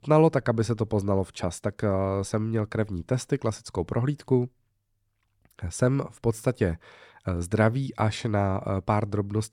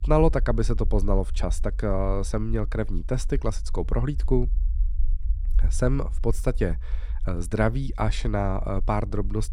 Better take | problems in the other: first | low rumble; faint; throughout; 25 dB below the speech

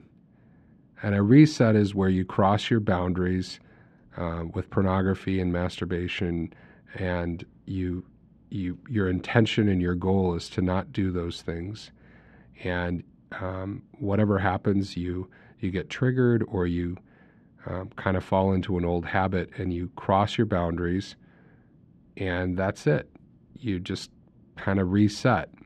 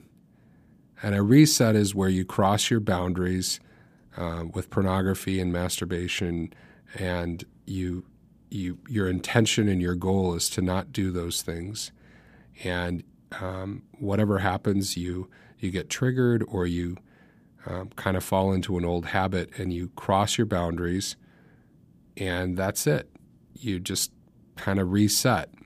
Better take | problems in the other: second | muffled; slightly; fading above 2.5 kHz

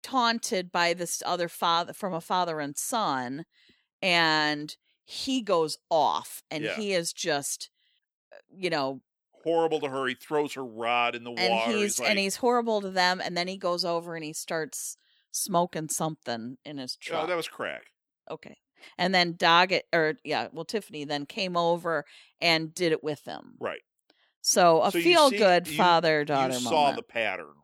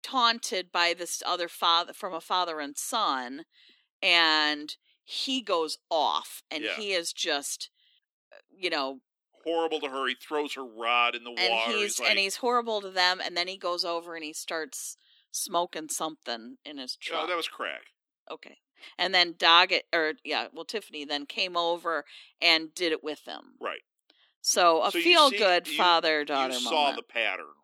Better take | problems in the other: first | thin; very slightly; fading below 250 Hz

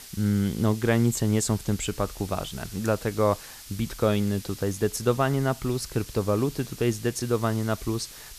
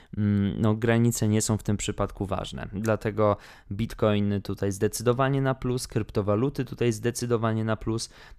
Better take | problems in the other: second | hiss; noticeable; throughout; 15 dB below the speech

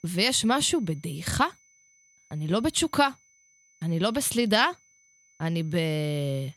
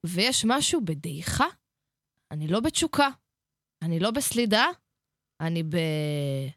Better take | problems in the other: second | high-pitched whine; faint; throughout; 6 kHz, 35 dB below the speech

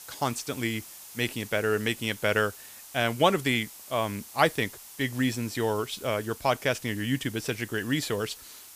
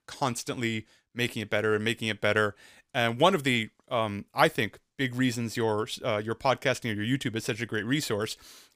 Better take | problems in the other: second | hiss; noticeable; throughout; 15 dB below the speech

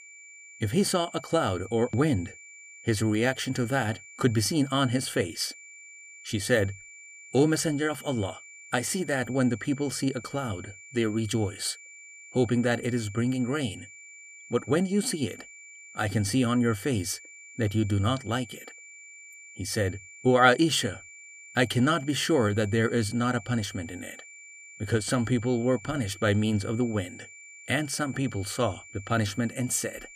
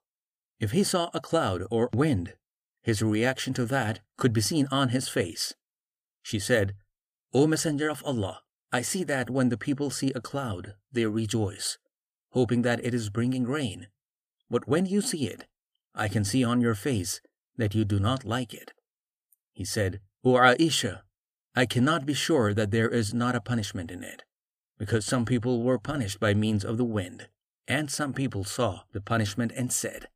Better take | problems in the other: second | high-pitched whine; noticeable; throughout; 2.5 kHz, 20 dB below the speech

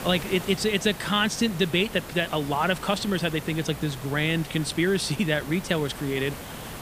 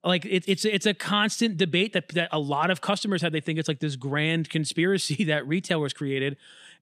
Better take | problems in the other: second | hiss; noticeable; throughout; 15 dB below the speech

